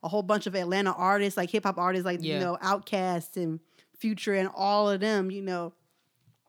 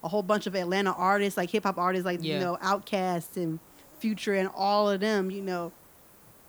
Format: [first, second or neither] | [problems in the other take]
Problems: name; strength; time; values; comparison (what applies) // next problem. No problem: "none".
first | hiss; faint; throughout; 25 dB below the speech